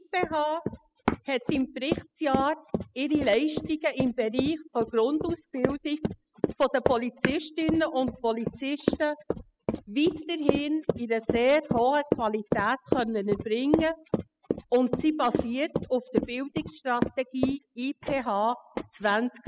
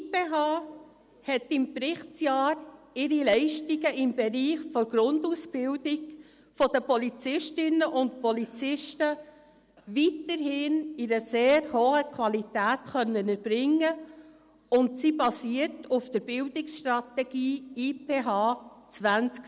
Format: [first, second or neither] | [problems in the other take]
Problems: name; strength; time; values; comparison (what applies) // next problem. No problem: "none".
second | noise reduction (classical method spectral subtraction)